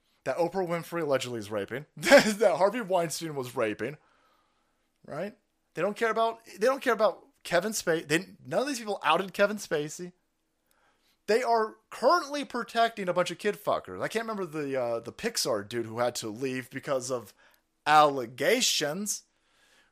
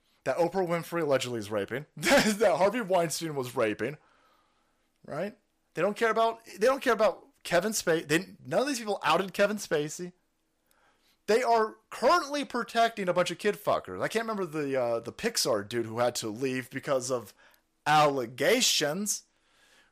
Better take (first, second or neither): first